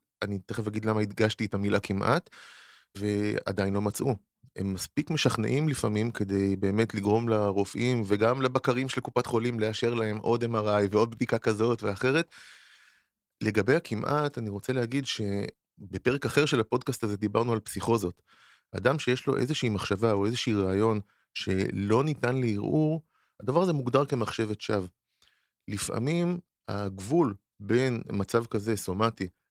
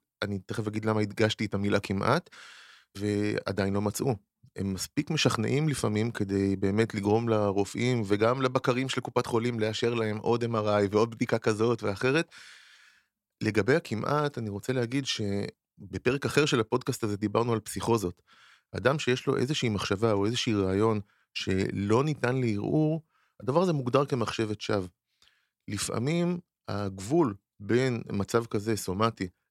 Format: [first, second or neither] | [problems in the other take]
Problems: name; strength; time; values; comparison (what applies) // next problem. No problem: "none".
second | garbled, watery; slightly; nothing above 19 kHz